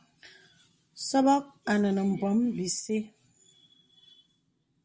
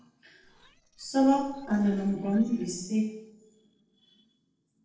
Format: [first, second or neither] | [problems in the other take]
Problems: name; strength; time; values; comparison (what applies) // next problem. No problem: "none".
first | noise reduction (neural separator model SepFormer DNS4)